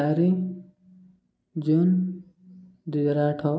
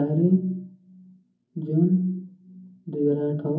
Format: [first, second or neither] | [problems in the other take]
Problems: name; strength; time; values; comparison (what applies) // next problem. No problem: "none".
first | room echo; dies away in 0.3 s